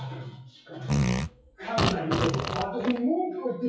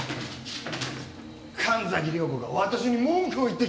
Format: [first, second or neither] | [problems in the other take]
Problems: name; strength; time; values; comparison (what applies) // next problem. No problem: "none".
second | noise reduction (classical method WPE with log-MMSE)